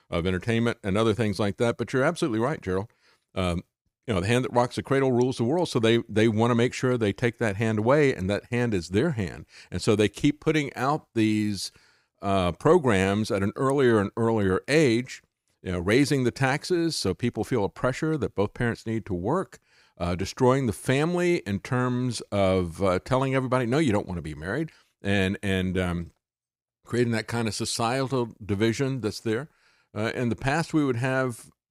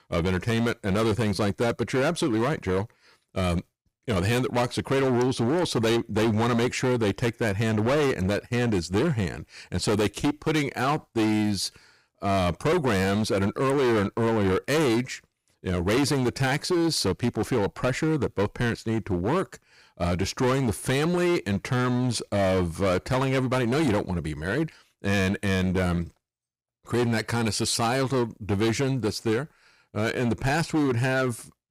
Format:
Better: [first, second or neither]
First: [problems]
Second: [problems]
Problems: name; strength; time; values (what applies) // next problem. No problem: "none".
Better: first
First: none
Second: distortion; heavy; 18% of the sound clipped